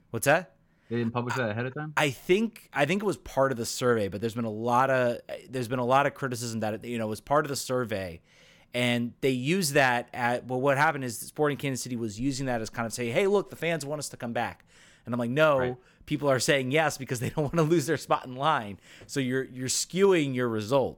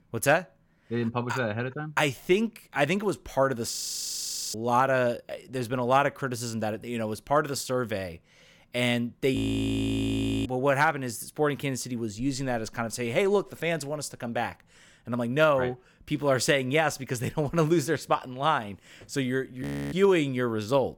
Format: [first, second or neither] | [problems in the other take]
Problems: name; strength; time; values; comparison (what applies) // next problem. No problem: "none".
first | audio freezing; at 4 s for 1 s, at 9.5 s for 1 s and at 20 s